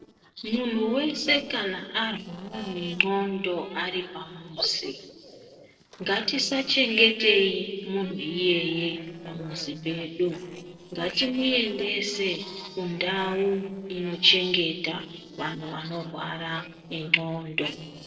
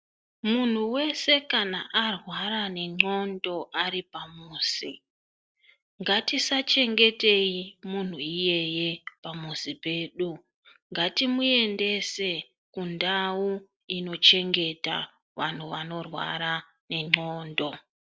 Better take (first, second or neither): second